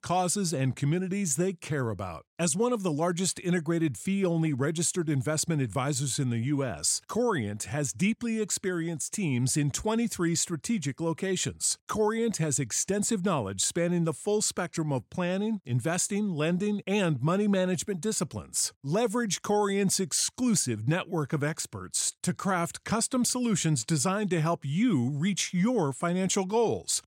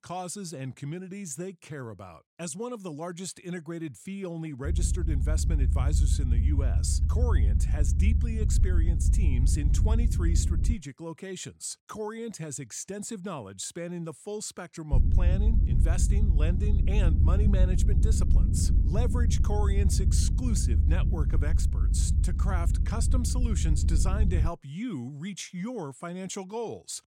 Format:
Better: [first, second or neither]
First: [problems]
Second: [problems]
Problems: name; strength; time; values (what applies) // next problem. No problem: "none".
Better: first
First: none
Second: low rumble; loud; from 4.5 to 11 s and from 15 to 24 s; 5 dB below the speech